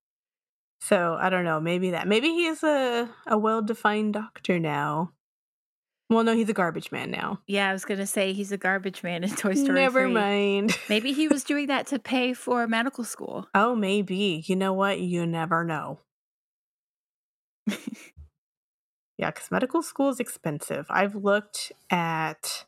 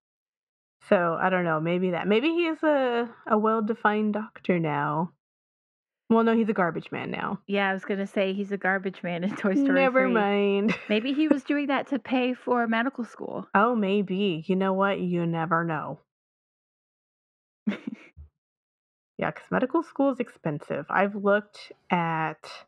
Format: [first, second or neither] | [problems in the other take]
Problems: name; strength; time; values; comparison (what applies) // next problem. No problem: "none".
first | muffled; slightly; fading above 2.5 kHz